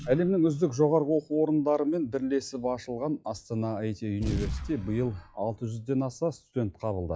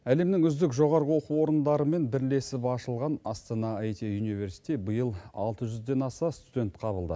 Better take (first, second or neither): second